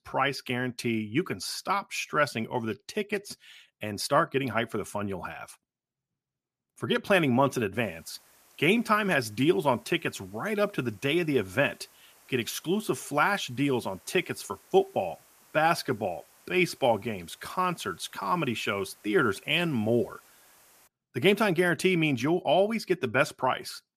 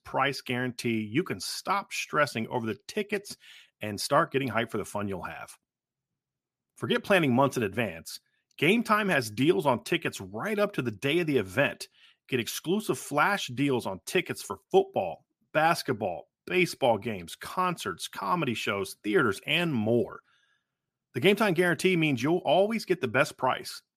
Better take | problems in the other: second | hiss; faint; from 8 to 21 s; 30 dB below the speech

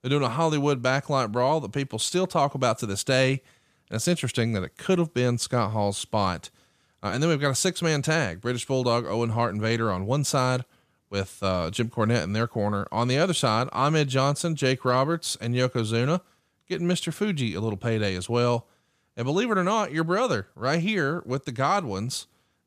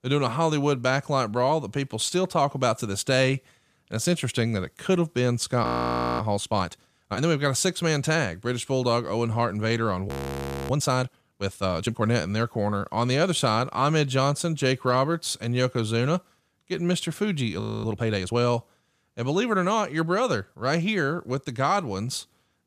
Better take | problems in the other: first | audio freezing; at 5.5 s for 0.5 s, at 10 s for 0.5 s and at 18 s

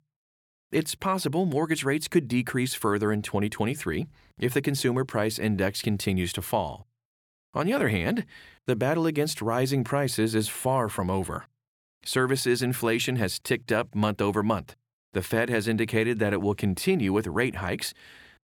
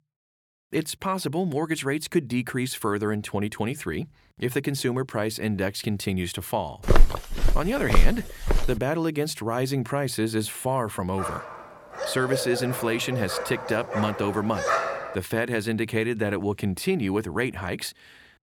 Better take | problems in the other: first | footsteps; loud; from 7 to 8.5 s; peak 4 dB above the speech // dog barking; loud; from 11 to 15 s; peak 3 dB above the speech

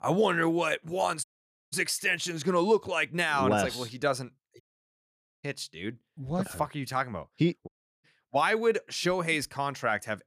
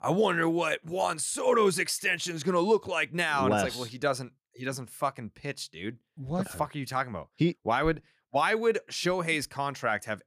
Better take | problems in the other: second | audio cutting out; at 1 s, at 4.5 s for 1 s and at 7.5 s

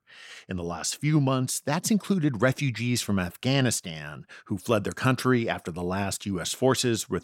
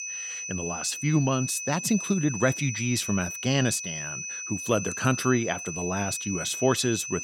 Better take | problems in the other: first | high-pitched whine; loud; throughout; 6 kHz, 6 dB below the speech

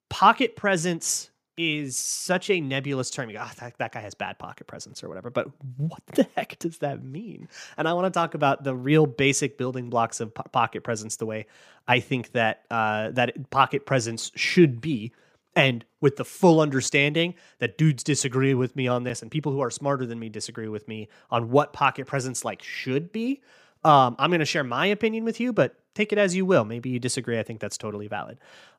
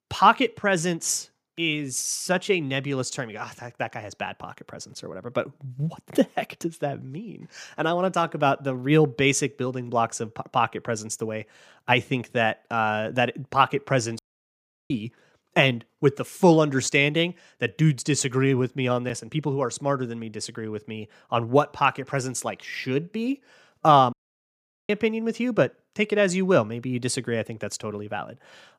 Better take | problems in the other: first | audio cutting out; at 14 s for 0.5 s and at 24 s for 1 s

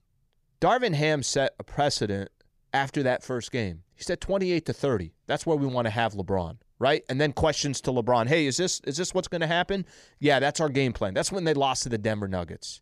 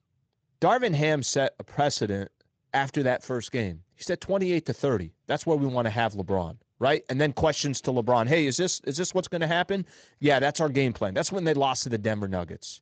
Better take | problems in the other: first | garbled, watery; slightly; nothing above 7.5 kHz

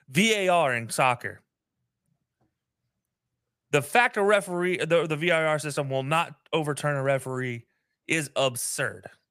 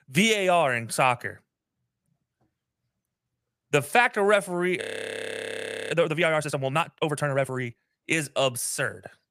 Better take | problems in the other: first | audio freezing; at 5 s for 1 s

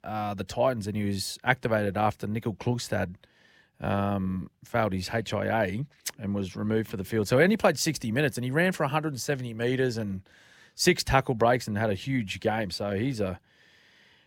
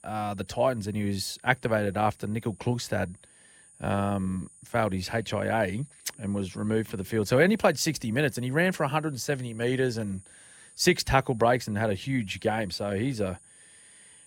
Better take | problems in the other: first | high-pitched whine; faint; throughout; 9.5 kHz, 25 dB below the speech

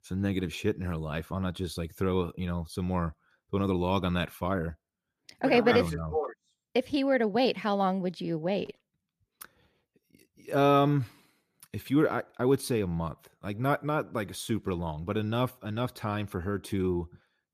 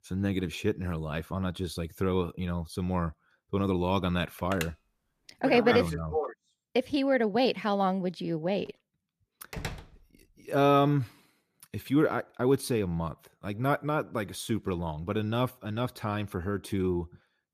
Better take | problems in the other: first | phone ringing; noticeable; at 4.5 s; peak 9 dB below the speech // door banging; noticeable; at 9.5 s; peak 9 dB below the speech

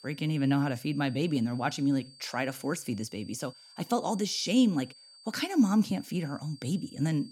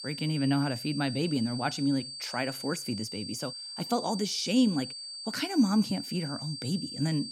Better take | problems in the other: first | high-pitched whine; loud; throughout; 4.5 kHz, 8 dB below the speech; faint in the first

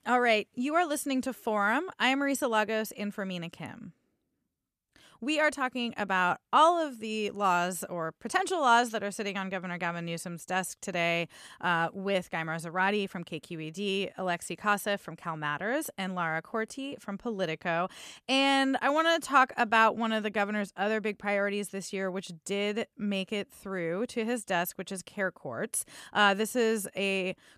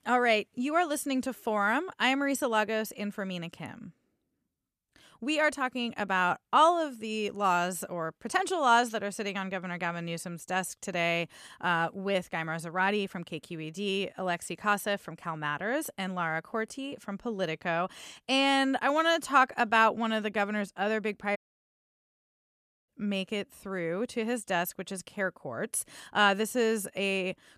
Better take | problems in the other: first | audio cutting out; at 21 s for 1.5 s

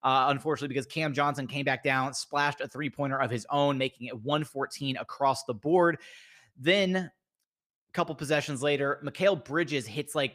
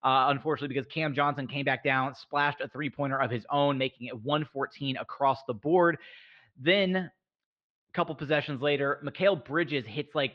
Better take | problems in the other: first | muffled; slightly; fading above 4 kHz

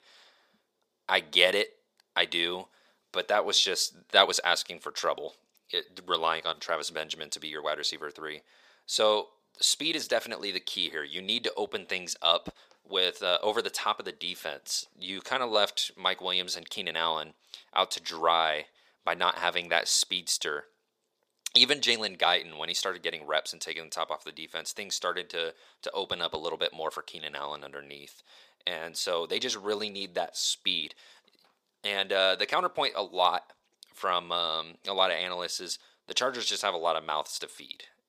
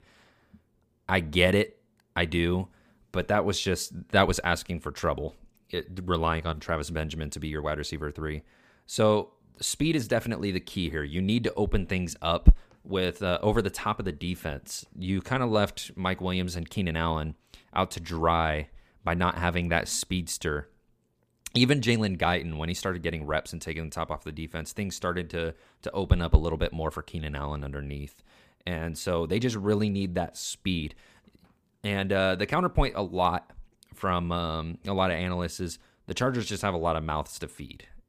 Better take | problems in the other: second | thin; very; fading below 550 Hz

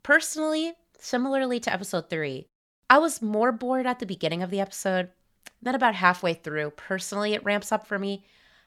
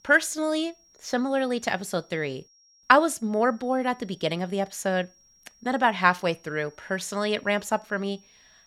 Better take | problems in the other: first | high-pitched whine; faint; throughout; 5.5 kHz, 30 dB below the speech

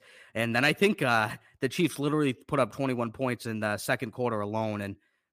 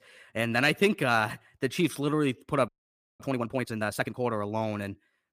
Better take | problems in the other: first | audio freezing; at 2.5 s for 0.5 s

